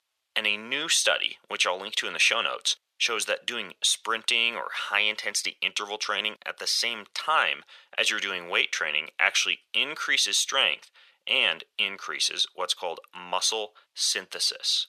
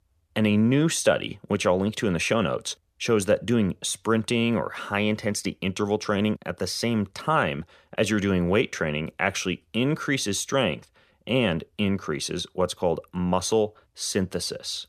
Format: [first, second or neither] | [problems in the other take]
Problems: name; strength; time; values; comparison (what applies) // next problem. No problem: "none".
second | thin; very; fading below 850 Hz